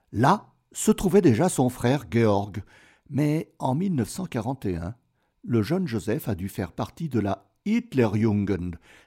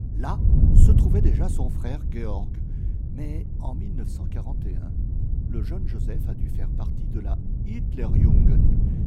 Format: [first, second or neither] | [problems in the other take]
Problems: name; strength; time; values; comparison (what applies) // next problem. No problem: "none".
first | wind noise on the microphone; heavy; 2 dB above the speech